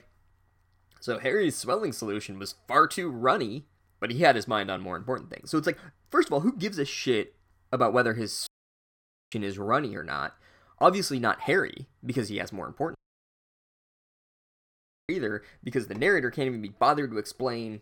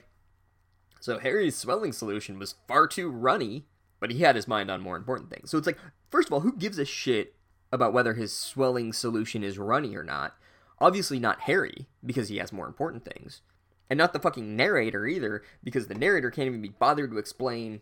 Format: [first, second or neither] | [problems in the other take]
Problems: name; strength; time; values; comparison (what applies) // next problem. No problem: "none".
second | audio cutting out; at 8.5 s for 1 s and at 13 s for 2 s